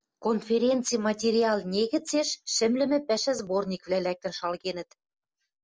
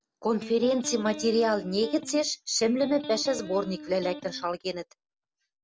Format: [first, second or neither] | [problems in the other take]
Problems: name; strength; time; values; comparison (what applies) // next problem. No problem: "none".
first | background sound (Electric guitar); 12 dB below the speech